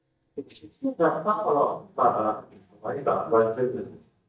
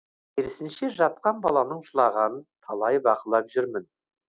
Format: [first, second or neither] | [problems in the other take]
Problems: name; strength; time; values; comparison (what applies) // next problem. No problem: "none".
second | noise reduction (neural mask model DeepFilterNet 3)